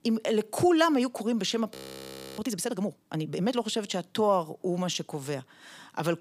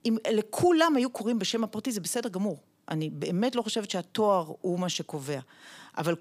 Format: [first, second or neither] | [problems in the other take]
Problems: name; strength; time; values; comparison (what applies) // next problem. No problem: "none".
second | audio freezing; at 2 s for 0.5 s